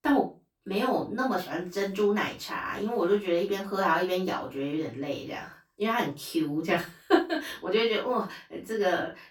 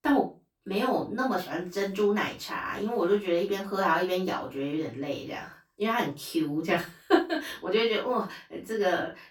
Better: neither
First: off-mic speech; far // room echo; slight; dies away in 0.2 s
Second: off-mic speech; far // room echo; slight; dies away in 0.2 s

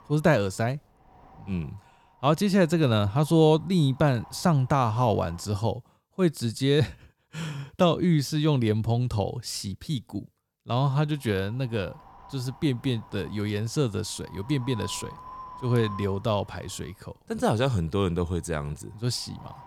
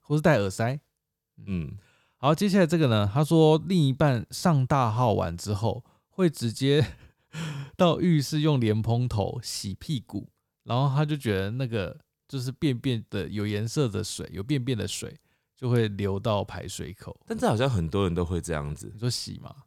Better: second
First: wind noise on the microphone; occasional gusts; until 5.5 s and from 11 s on; 15 dB below the speech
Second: none

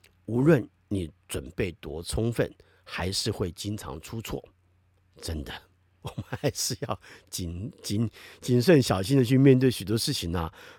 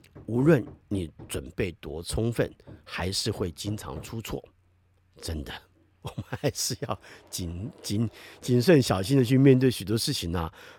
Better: first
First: none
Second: machinery noise; faint; throughout; 25 dB below the speech

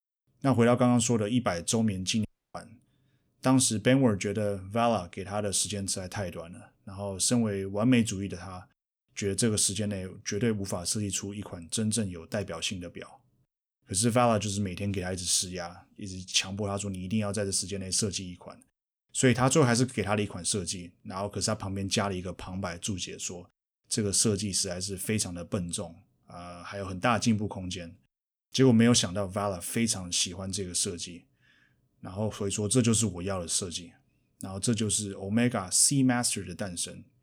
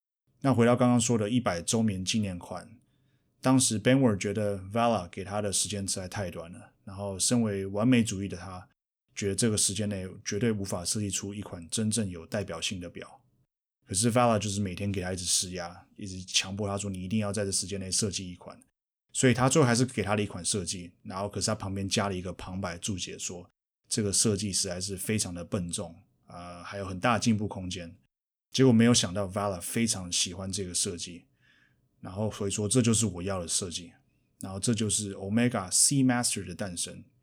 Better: second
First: audio cutting out; at 2.5 s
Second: none

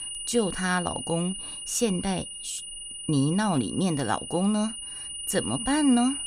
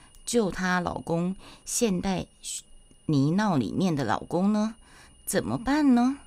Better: second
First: high-pitched whine; loud; throughout; 9.5 kHz, 7 dB below the speech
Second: high-pitched whine; faint; throughout; 9.5 kHz, 30 dB below the speech

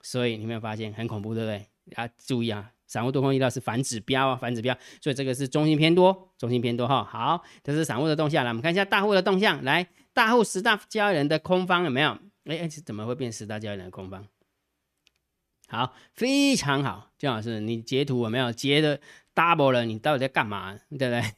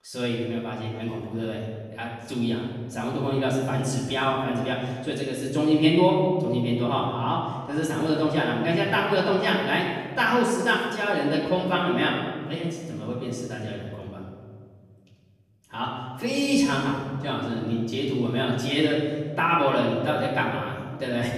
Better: first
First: none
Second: off-mic speech; far // room echo; noticeable; dies away in 1.6 s

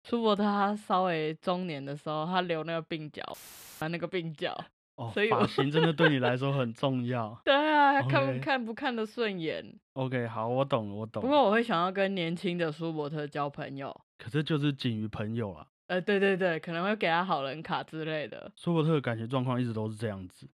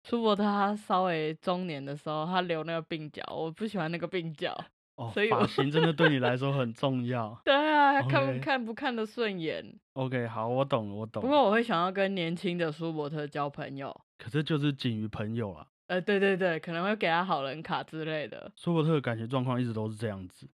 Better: second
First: audio cutting out; filled with static; at 3.5 s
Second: none

